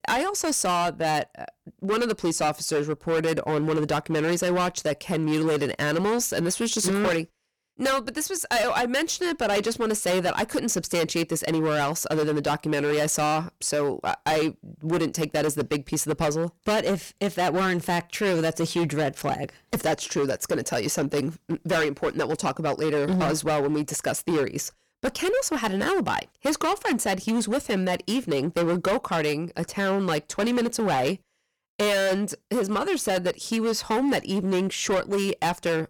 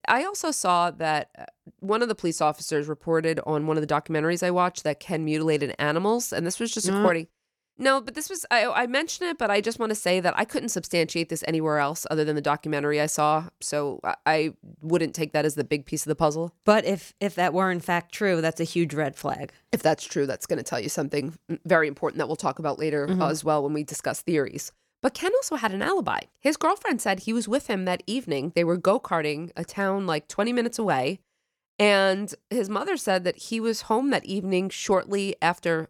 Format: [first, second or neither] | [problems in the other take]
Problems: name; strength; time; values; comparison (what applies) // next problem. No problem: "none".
second | distortion; heavy; 17% of the sound clipped